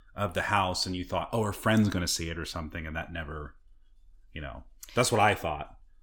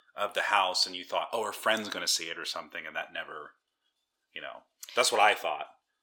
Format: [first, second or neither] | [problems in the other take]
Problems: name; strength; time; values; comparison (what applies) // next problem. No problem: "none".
first | thin; very; fading below 600 Hz